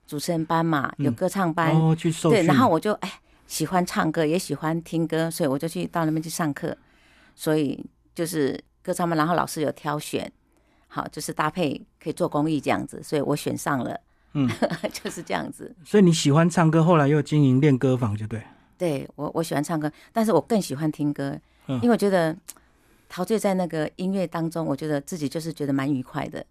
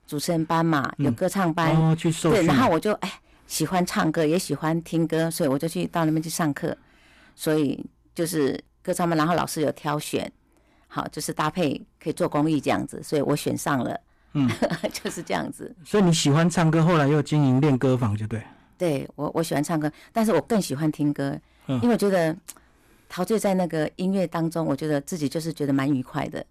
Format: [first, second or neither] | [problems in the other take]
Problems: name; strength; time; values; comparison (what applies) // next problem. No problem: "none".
first | distortion; slight; 5% of the sound clipped